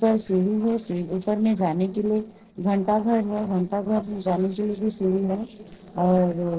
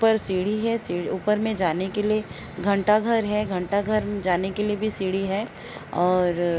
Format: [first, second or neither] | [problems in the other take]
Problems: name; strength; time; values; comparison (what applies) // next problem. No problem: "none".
second | noise reduction (neural separator model SepFormer DNS4)